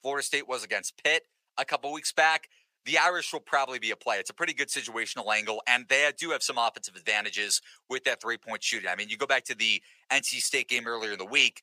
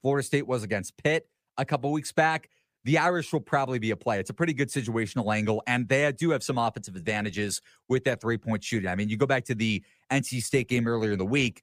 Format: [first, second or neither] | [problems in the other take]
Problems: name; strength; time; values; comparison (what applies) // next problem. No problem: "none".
second | thin; very; fading below 750 Hz